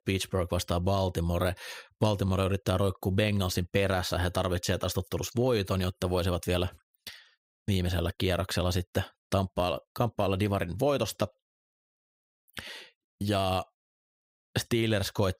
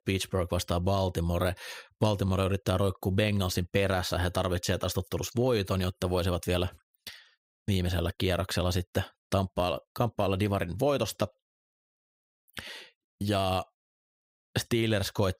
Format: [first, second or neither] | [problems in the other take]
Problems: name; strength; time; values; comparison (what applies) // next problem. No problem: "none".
neither | none